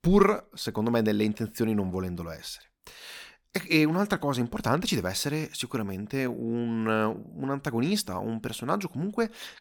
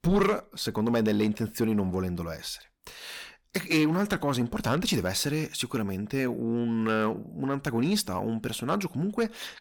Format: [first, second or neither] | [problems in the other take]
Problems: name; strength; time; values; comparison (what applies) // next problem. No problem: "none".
first | distortion; slight; 10 dB below the speech